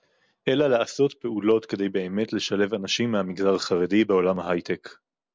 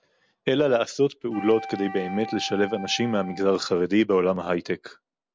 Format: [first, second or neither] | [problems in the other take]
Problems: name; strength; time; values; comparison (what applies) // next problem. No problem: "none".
first | background sound (Wind instrument, woodwind instrument); 13 dB below the speech